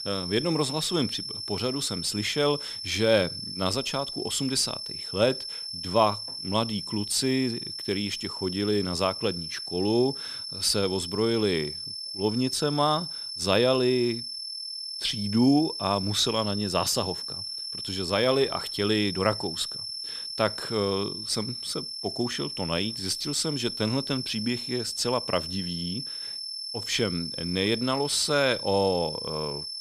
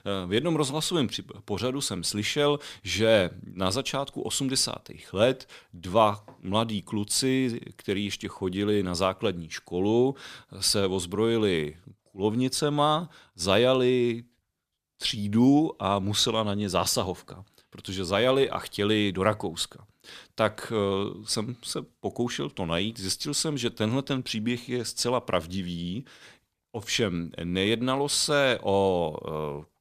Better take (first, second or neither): second